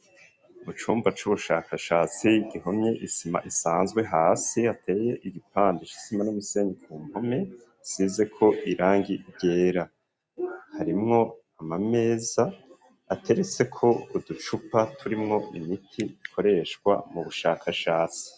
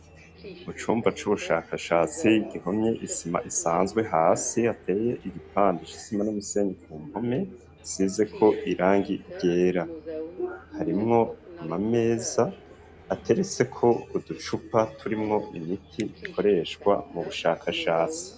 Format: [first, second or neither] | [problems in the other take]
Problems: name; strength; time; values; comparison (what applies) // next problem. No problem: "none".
first | background sound (Subway, metro, underground); 17 dB below the speech